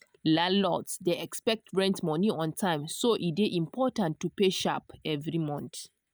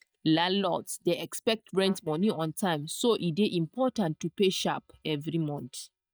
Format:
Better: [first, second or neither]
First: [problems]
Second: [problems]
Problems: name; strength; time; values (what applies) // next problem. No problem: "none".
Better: first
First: none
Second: noise reduction (neural mask model DeepFilterNet 3)